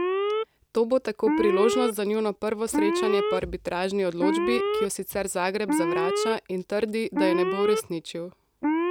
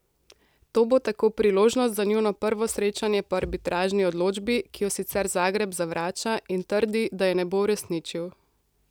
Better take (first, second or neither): second